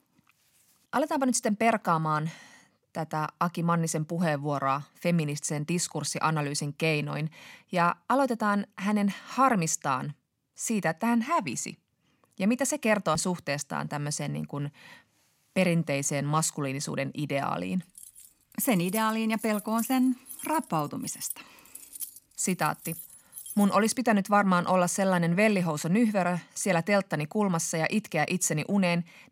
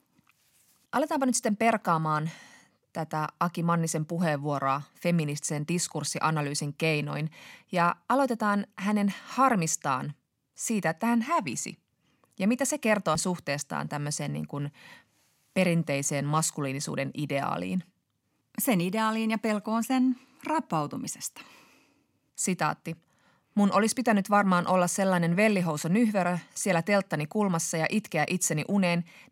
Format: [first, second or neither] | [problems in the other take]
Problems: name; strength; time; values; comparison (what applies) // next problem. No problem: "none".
second | jangling keys; noticeable; from 18 to 24 s; peak 10 dB below the speech